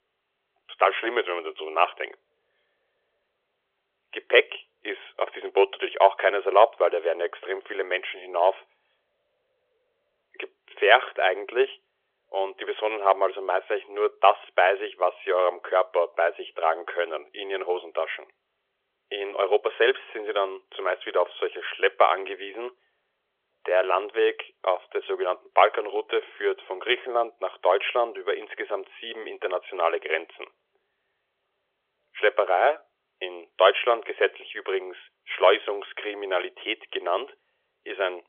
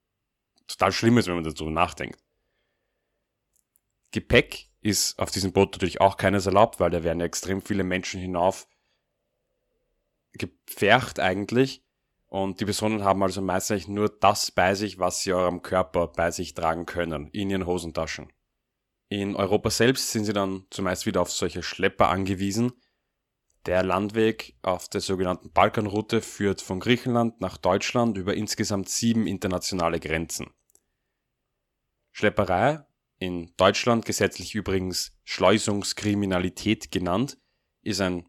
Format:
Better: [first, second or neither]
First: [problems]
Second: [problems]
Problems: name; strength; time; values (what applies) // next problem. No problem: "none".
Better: second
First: phone-call audio; nothing above 3.5 kHz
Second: none